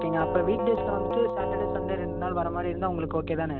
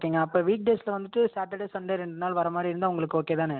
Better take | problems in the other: second | background sound (Doorbell); 1 dB below the speech

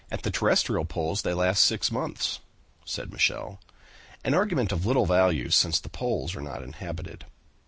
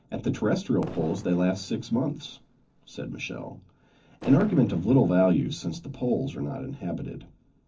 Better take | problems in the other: first | noise reduction (neural separator model SepFormer DNS4)

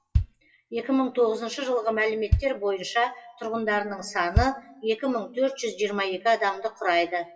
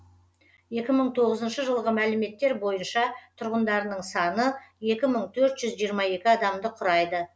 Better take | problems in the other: second | noise reduction (classical method WPE with log-MMSE)

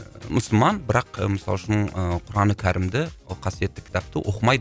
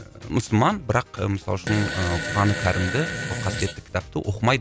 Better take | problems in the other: first | background sound (Fart); 6 dB below the speech

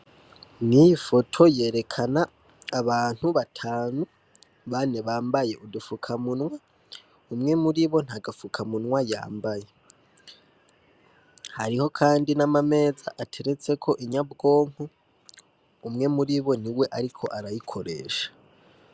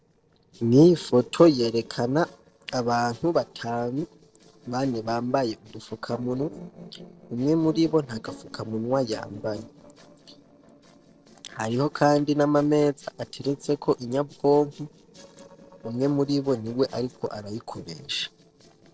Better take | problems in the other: first | noise reduction (neural separator model SepFormer DNS4)

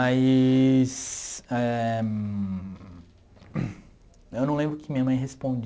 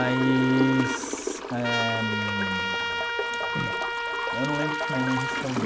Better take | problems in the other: first | background sound (Trumpet + Toilet flush / Gurgling); as loud as the speech

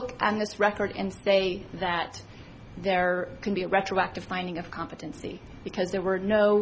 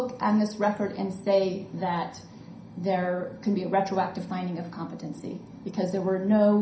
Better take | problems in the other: first | room echo; dies away in 0.5 s

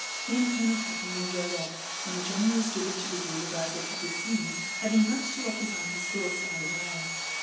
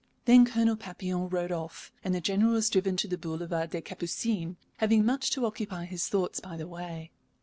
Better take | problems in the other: second | background sound (Sawing); 2 dB below the speech // room echo; dies away in 0.9 s

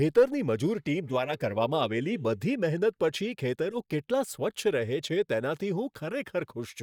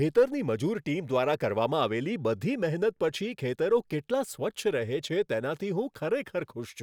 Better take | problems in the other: second | noise reduction (neural mask model DeepFilterNet 3)

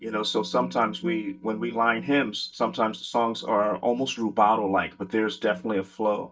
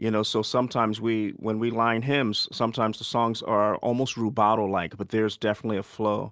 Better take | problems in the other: second | noise reduction (neural mask model DeepFilterNet 3)

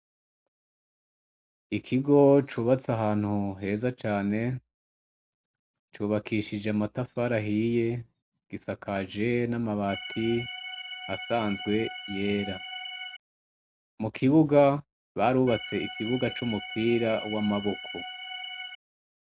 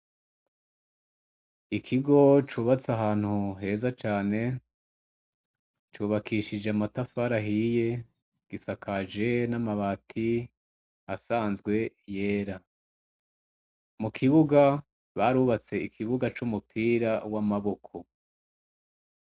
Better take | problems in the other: second | background sound (Organ); 10 dB below the speech

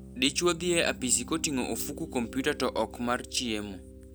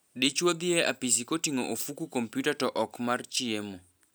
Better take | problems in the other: second | background sound (Piano); 13 dB below the speech

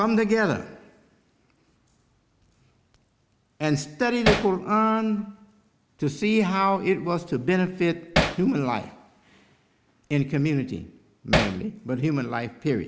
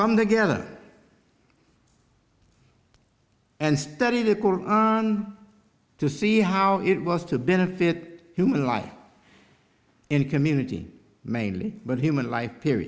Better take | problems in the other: second | background sound (Hammer); 2 dB above the speech

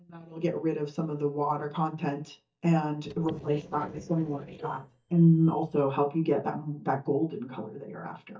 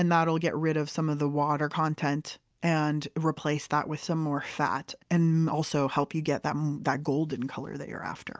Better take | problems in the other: second | noise reduction (neural mask model DeepFilterNet 3)

